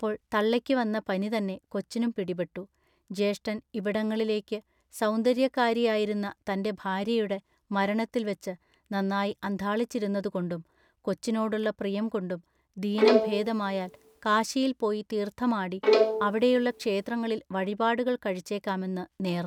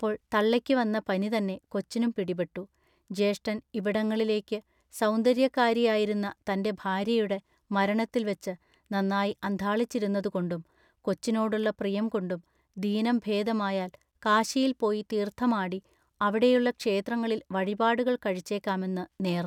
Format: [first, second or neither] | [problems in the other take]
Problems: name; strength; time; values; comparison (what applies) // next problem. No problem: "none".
second | background sound (Bowed string instrument); 2 dB above the speech